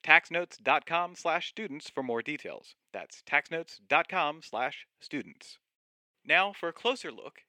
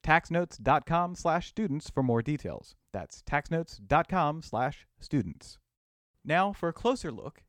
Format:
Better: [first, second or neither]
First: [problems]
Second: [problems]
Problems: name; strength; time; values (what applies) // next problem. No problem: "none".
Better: second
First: thin; somewhat; fading below 400 Hz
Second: none